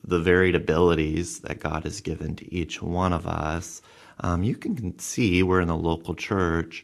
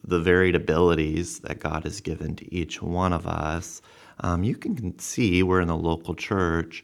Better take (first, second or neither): second